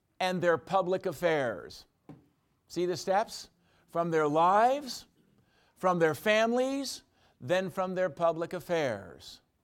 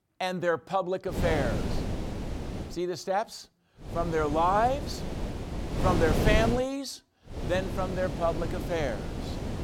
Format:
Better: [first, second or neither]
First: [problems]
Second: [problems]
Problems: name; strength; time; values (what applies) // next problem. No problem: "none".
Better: first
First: none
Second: wind noise on the microphone; heavy; from 1 to 2.5 s, from 4 to 6.5 s and from 7.5 s on; 8 dB below the speech